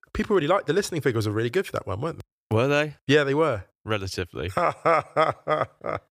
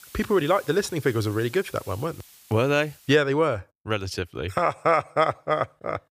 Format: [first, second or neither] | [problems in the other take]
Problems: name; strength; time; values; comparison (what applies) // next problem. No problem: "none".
first | hiss; faint; until 3 s; 20 dB below the speech